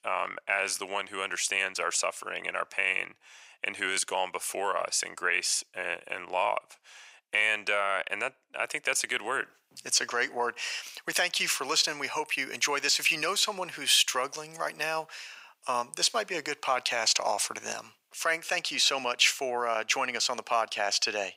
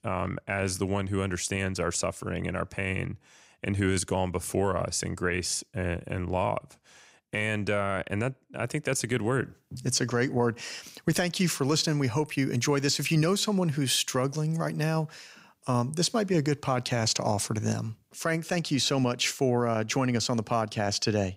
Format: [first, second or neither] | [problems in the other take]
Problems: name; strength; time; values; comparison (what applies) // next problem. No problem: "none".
second | thin; very; fading below 800 Hz